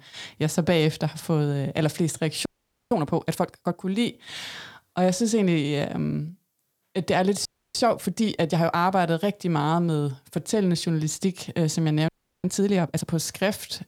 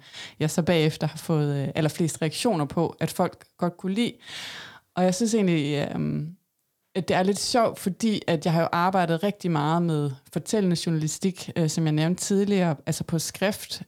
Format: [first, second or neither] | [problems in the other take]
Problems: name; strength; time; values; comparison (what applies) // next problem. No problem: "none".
second | audio freezing; at 2.5 s, at 7.5 s and at 12 s